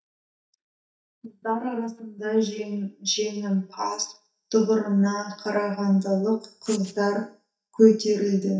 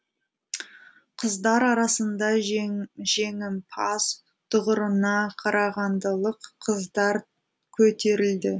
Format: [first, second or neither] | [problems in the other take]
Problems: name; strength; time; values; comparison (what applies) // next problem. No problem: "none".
second | noise reduction (neural mask model DeepFilterNet 3)